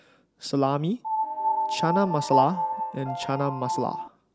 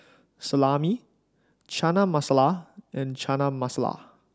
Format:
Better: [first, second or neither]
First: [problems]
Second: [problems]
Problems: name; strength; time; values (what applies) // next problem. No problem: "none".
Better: second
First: background sound (Piano); as loud as the speech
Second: none